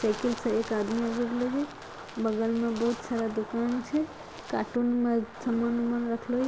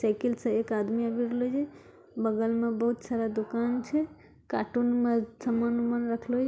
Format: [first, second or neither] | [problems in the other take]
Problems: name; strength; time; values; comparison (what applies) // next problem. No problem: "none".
second | background sound (Wind); 14 dB below the speech